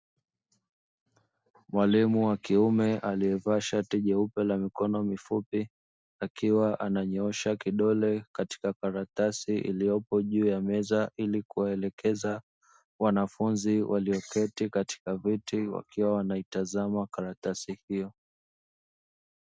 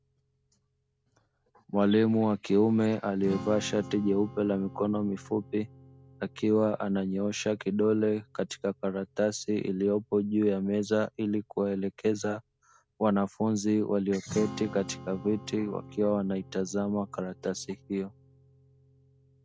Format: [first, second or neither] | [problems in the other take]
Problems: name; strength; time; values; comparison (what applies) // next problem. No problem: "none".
first | background sound (Strum); 18 dB below the speech